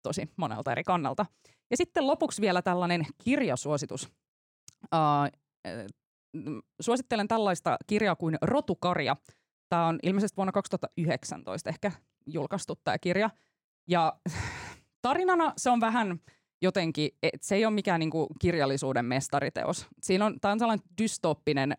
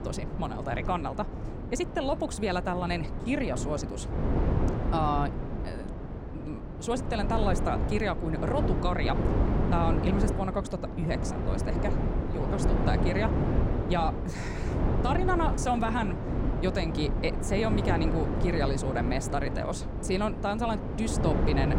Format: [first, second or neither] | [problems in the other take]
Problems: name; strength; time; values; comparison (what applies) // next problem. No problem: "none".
first | wind noise on the microphone; heavy; 5 dB below the speech